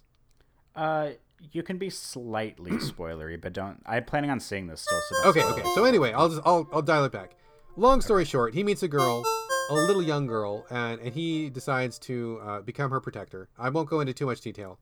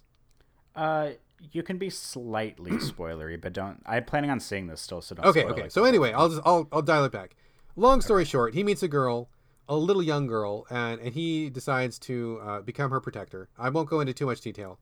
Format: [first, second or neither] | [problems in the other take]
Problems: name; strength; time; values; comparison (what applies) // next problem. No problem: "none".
second | phone ringing; loud; from 5 to 10 s; peak 1 dB above the speech